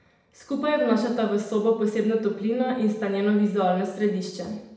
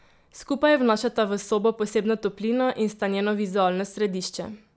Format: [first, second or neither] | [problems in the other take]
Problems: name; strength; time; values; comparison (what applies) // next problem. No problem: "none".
second | room echo; dies away in 0.8 s